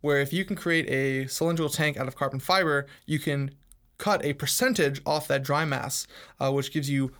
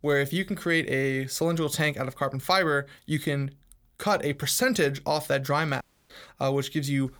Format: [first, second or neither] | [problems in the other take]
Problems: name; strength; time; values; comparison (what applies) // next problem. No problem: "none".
first | audio cutting out; at 6 s